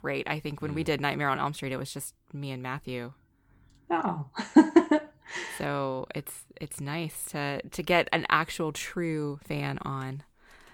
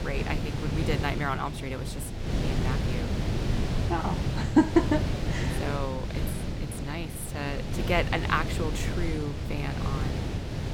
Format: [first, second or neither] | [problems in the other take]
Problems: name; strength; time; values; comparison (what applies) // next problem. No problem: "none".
first | wind noise on the microphone; heavy; 6 dB below the speech